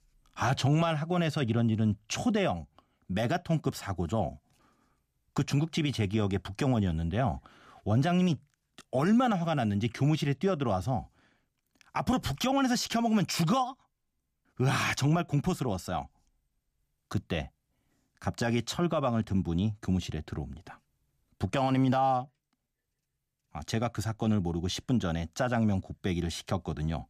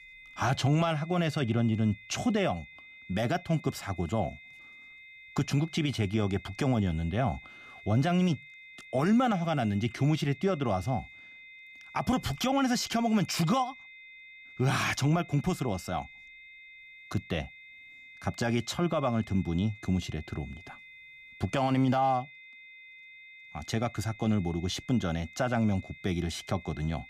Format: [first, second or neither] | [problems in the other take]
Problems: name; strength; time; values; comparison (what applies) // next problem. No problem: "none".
first | high-pitched whine; noticeable; throughout; 2 kHz, 20 dB below the speech